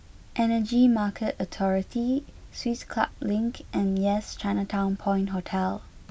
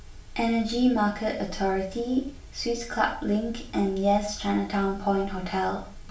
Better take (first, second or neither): first